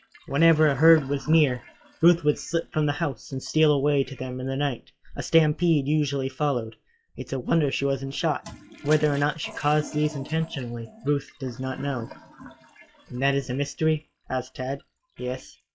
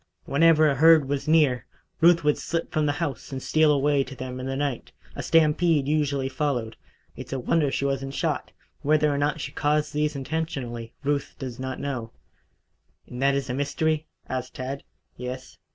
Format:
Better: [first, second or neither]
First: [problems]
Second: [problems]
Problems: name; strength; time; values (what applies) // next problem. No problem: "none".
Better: second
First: noise reduction (classical method log-MMSE)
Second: none